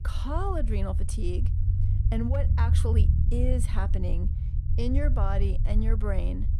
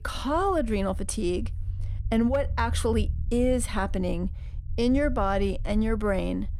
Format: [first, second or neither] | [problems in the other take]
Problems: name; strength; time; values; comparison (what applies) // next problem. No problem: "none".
second | low rumble; loud; throughout; 8 dB below the speech; faint in the second